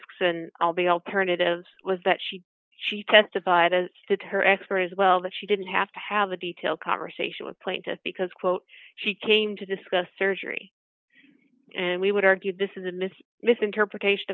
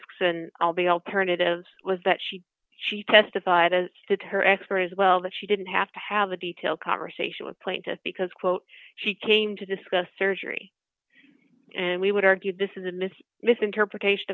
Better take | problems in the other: second | noise reduction (neural mask model Resemble Enhance denoiser)

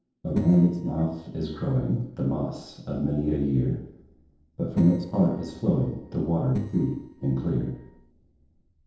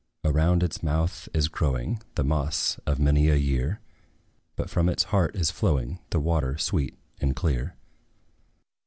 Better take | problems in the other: second | noise reduction (neural separator model SepFormer DNS4)

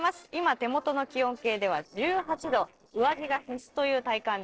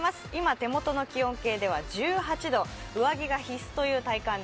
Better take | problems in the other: second | noise reduction (neural separator model SepFormer DNS4)

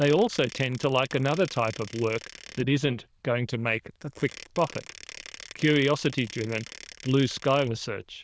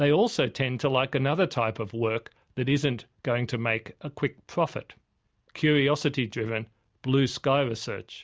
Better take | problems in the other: second | noise reduction (neural diffusion model UNIVERSE++)

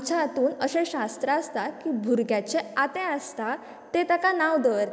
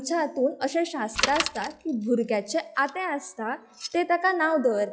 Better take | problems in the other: first | noise reduction (classical method log-MMSE)

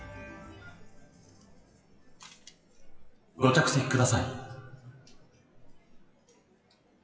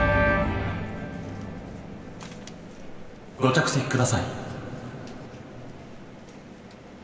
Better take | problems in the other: second | noise reduction (classical method log-MMSE)

